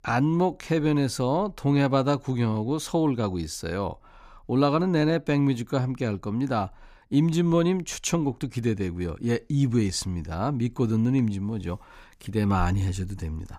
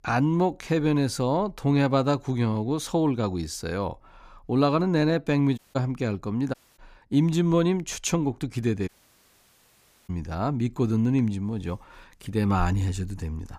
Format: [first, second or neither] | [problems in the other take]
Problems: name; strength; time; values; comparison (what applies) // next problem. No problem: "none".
first | audio cutting out; at 5.5 s, at 6.5 s and at 9 s for 1 s